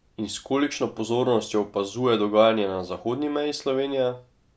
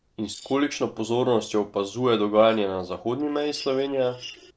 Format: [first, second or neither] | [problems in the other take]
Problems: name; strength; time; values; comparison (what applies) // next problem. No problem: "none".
first | noise reduction (neural separator model SepFormer DNS4)